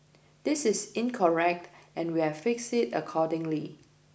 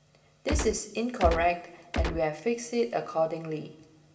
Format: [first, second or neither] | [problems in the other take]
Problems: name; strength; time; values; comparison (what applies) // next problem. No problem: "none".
first | background sound (Gunshot, gunfire); as loud as the speech // room echo; dies away in 1.1 s